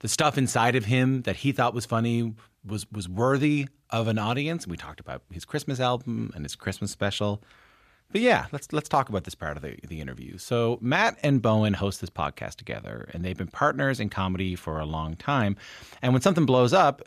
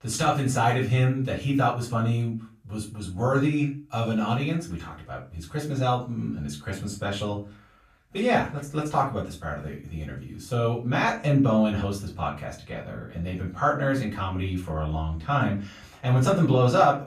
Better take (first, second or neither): first